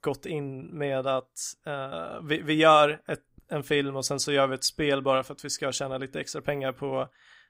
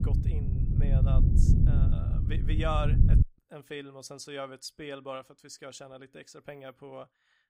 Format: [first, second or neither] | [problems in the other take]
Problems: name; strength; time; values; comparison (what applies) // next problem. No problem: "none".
first | low rumble; loud; until 3 s; 1 dB below the speech